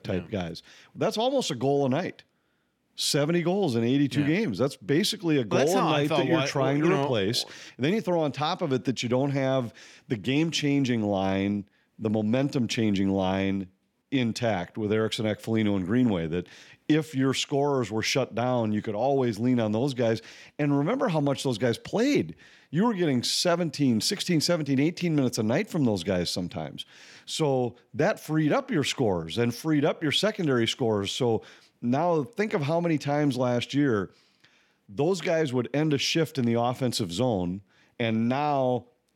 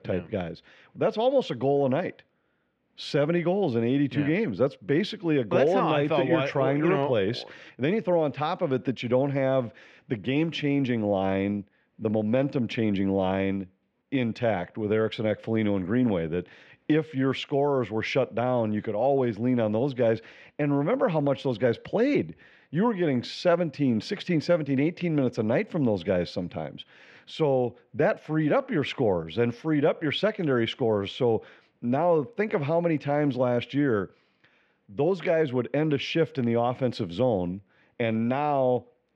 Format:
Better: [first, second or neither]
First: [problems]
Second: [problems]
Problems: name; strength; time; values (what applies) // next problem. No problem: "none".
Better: first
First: none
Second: muffled; slightly; fading above 2.5 kHz